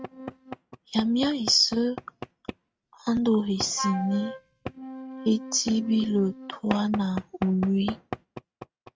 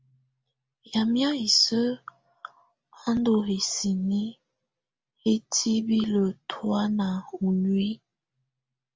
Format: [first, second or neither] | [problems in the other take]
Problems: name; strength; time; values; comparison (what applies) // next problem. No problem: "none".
second | noise reduction (neural mask model RNNoise)